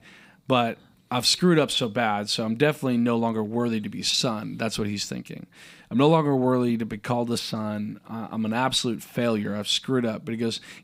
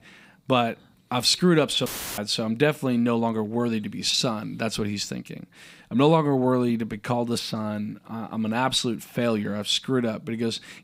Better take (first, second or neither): first